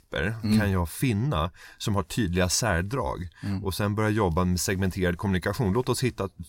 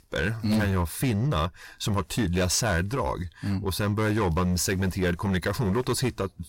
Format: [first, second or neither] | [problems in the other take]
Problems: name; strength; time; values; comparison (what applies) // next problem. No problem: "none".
first | distortion; slight; 11% of the sound clipped